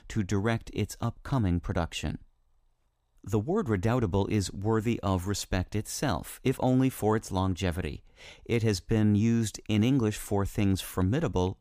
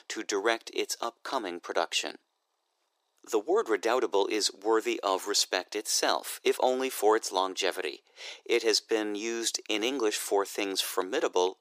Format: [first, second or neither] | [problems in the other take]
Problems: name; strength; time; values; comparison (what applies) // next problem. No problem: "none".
first | thin; very; fading below 350 Hz